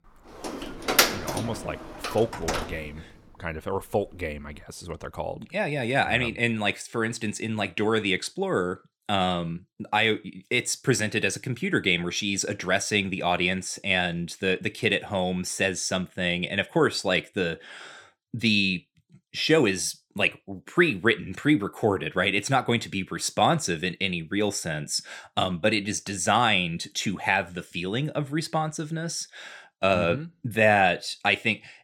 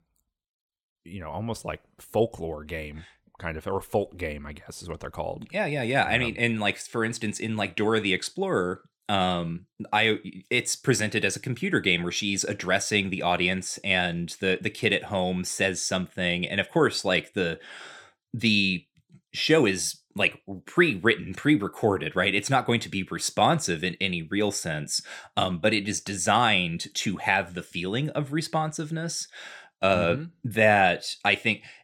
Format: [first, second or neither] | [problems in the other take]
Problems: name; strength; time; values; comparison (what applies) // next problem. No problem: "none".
second | door banging; loud; until 2.5 s; peak 5 dB above the speech